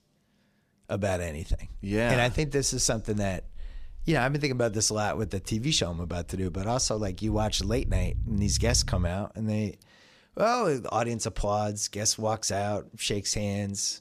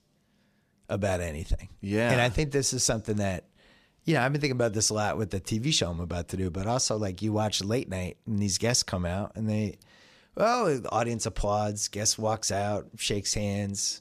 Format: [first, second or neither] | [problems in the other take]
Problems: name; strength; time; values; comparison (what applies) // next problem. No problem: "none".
second | low rumble; faint; from 1.5 to 9 s; 20 dB below the speech